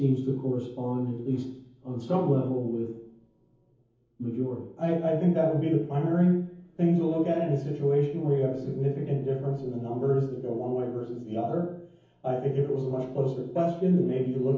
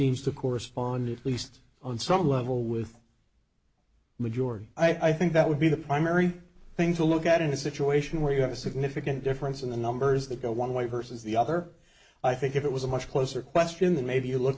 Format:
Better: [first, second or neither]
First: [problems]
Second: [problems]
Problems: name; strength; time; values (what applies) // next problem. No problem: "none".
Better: second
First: room echo; dies away in 0.7 s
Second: none